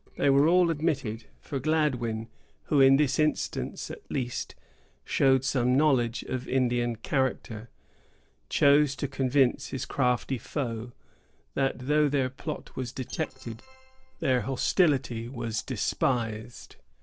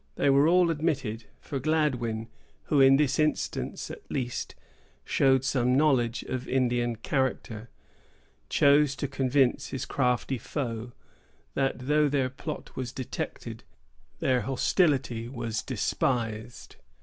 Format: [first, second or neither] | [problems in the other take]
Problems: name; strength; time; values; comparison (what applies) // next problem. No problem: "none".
second | noise reduction (neural separator model SepFormer DNS4)